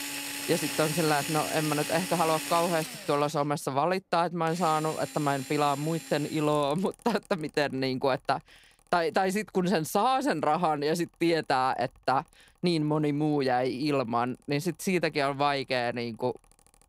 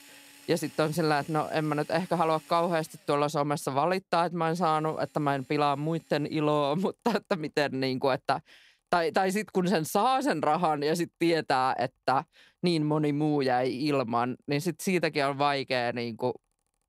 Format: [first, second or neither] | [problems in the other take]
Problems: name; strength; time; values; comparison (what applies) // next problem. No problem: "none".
second | machinery noise; loud; throughout; 7 dB below the speech; faint in the second